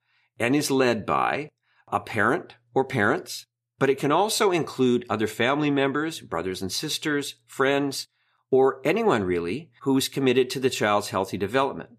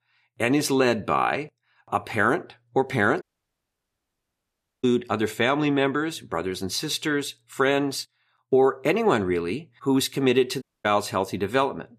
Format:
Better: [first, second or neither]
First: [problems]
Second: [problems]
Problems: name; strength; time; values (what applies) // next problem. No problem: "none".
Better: first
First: none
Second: audio cutting out; at 3 s for 1.5 s and at 11 s